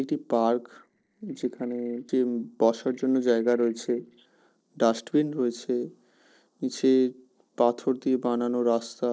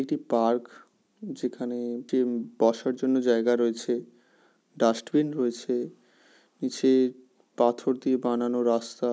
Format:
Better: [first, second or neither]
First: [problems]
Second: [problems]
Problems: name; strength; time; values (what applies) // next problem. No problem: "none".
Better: second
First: noise reduction (neural separator model SepFormer DNS4)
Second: none